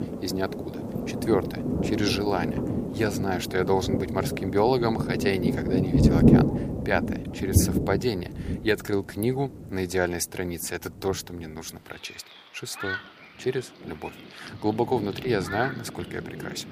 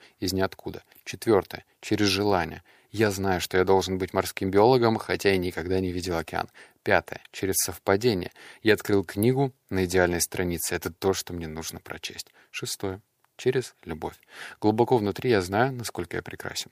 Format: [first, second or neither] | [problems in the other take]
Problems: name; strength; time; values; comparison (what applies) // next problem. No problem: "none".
second | rain or running water; very loud; throughout; 1 dB above the speech